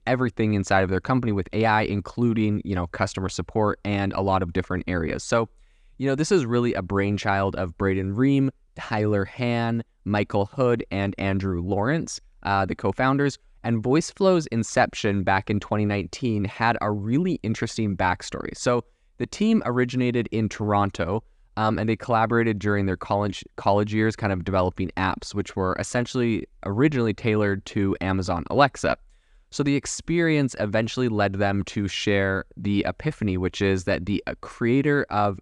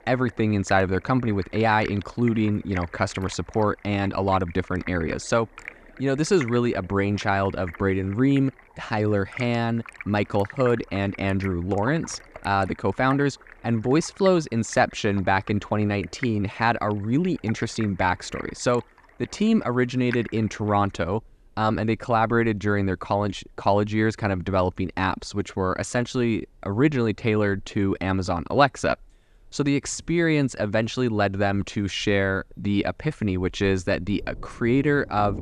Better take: first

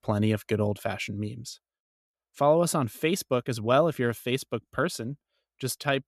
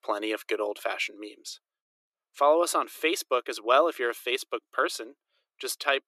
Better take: first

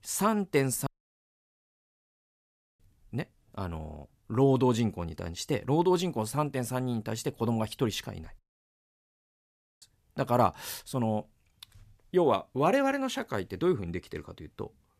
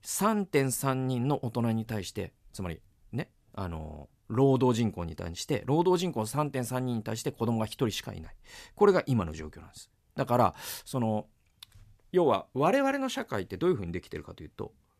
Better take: second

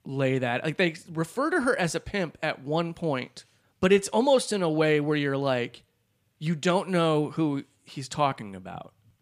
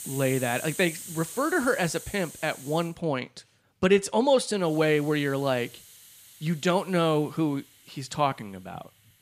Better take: first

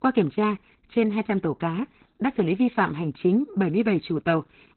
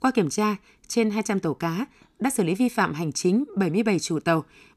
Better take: second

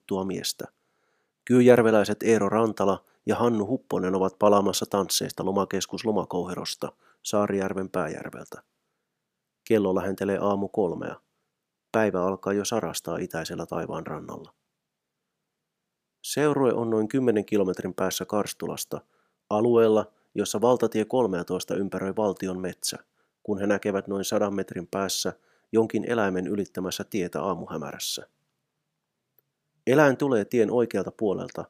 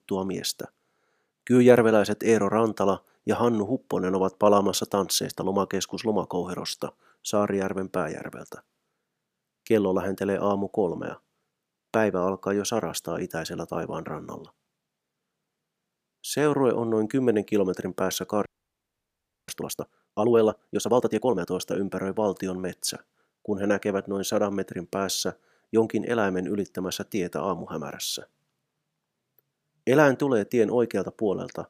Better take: first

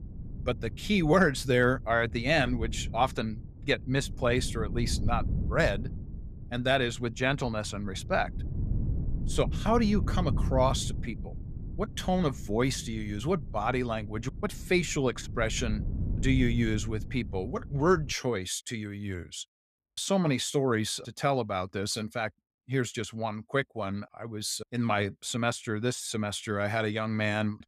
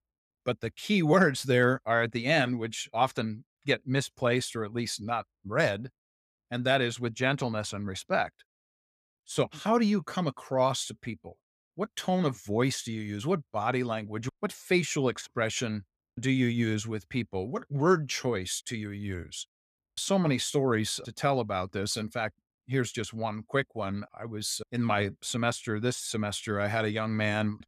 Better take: second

